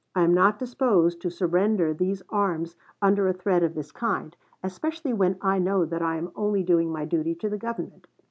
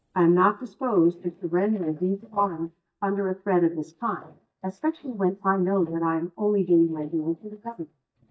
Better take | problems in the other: first | noise reduction (neural mask model DeepFilterNet 3)

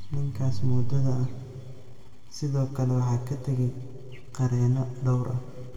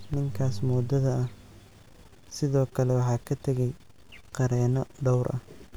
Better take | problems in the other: second | room echo; dies away in 2.1 s

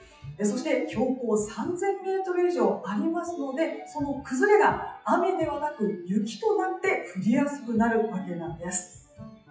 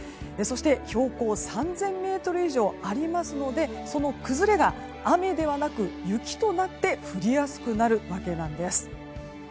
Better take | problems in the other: second | noise reduction (classical method WPE with log-MMSE)

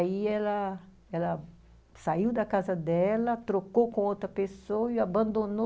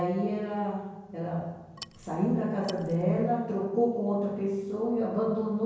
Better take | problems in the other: first | background sound (Wood); 19 dB below the speech // room echo; dies away in 1 s

